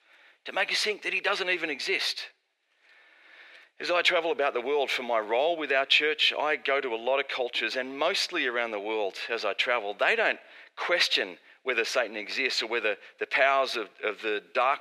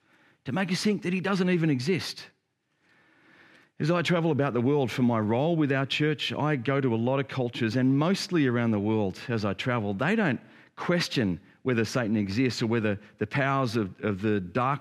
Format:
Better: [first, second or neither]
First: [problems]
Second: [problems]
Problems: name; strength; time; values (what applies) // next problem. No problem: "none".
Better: second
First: thin; very; fading below 450 Hz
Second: none